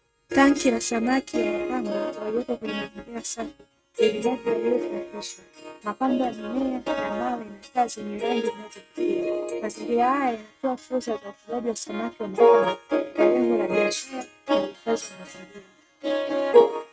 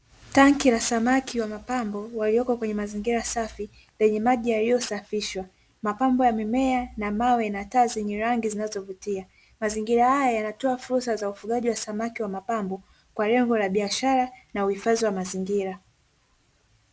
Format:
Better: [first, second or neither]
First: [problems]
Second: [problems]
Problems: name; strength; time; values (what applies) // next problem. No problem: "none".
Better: second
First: noise reduction (neural mask model RNNoise)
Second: none